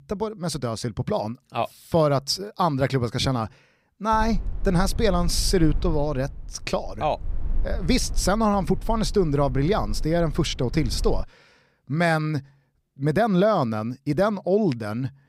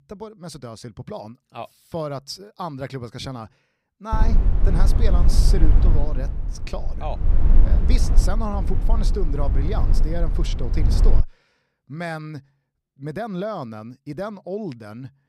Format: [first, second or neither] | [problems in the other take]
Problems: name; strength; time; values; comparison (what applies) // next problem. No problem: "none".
first | low rumble; loud; from 4 to 11 s; 5 dB below the speech; faint in the first